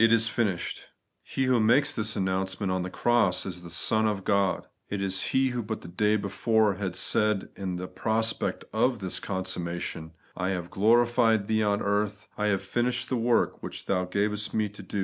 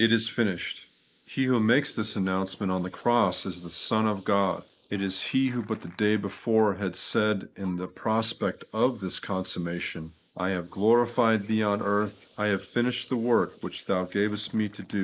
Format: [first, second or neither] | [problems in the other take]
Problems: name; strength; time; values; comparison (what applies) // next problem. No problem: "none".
first | noise reduction (neural mask model Resemble Enhance denoiser)